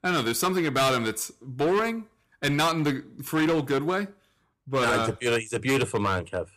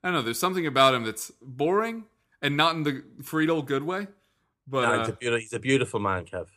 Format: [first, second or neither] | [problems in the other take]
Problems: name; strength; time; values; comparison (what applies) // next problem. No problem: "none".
second | distortion; heavy; 12% of the sound clipped